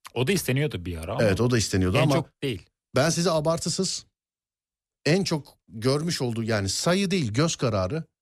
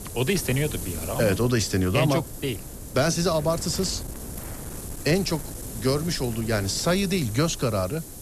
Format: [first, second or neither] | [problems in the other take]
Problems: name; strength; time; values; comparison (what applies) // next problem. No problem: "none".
first | wind noise on the microphone; occasional gusts; 15 dB below the speech